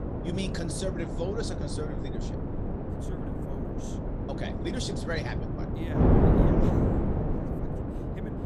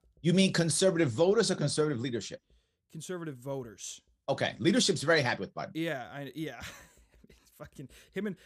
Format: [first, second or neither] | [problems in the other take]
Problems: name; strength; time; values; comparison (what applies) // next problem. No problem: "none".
second | wind noise on the microphone; heavy; 4 dB above the speech